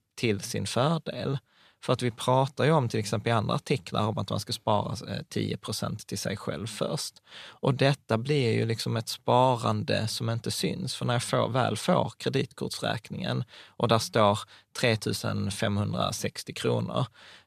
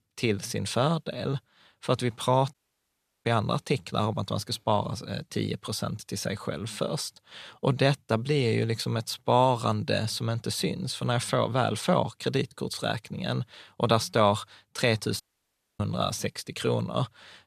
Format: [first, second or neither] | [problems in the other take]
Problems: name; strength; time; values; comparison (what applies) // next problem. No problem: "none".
first | audio cutting out; at 2.5 s for 0.5 s and at 15 s for 0.5 s